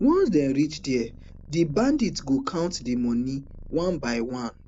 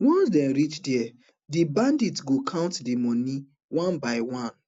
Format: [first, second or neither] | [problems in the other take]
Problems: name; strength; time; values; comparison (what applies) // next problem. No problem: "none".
second | background sound (Purr); 19 dB below the speech